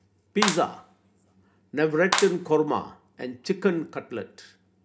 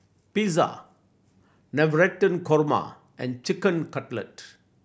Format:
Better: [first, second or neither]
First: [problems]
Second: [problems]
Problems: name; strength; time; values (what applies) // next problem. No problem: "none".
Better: second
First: background sound (Clapping); 6 dB below the speech // room echo; dies away in 0.3 s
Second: none